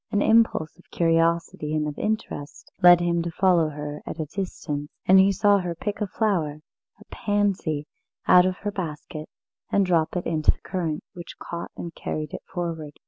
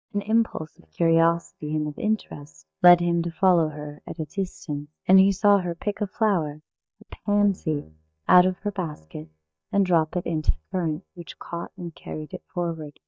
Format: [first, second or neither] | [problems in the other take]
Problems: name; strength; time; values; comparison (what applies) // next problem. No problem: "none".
first | noise reduction (neural mask model DeepFilterNet 3)